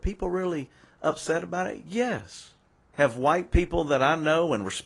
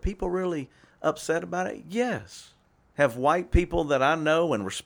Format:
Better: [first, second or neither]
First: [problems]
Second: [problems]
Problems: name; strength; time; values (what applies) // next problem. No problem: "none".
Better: second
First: garbled, watery; slightly; nothing above 10 kHz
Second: none